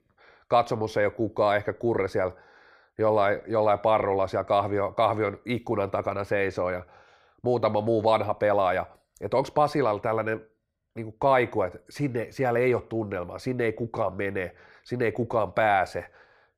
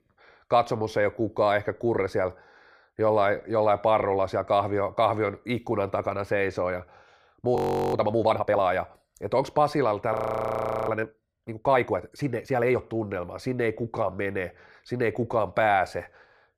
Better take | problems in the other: first | audio freezing; at 7.5 s and at 10 s for 0.5 s

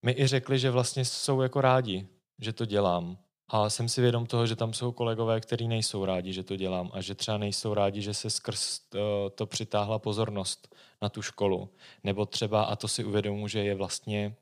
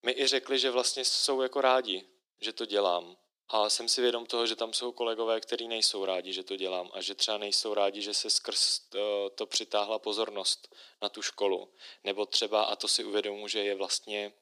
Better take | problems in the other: first | thin; very; fading below 300 Hz

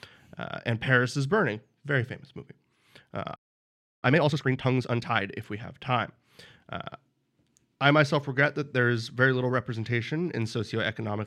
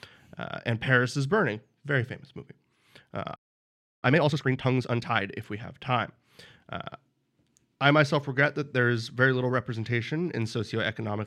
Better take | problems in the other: neither | audio freezing; at 3.5 s for 0.5 s; the same in both

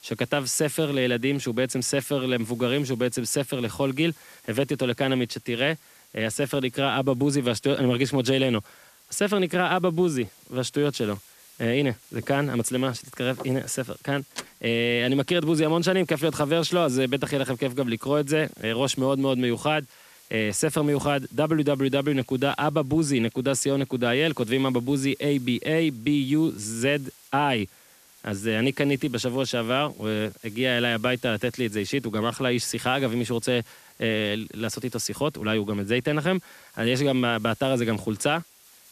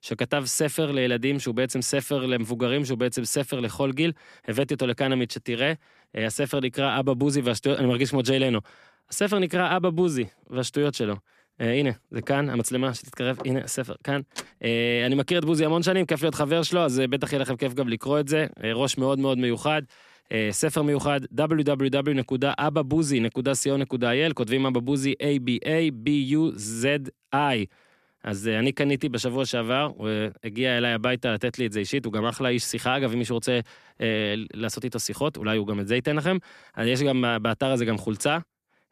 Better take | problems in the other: second | hiss; faint; throughout; 25 dB below the speech

